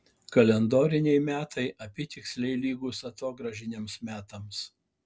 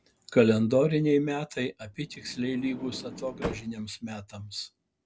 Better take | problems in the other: first | background sound (Sliding door); 13 dB below the speech

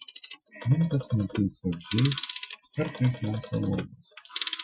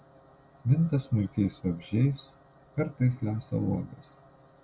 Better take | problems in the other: second | noise reduction (classical method Wiener filter)

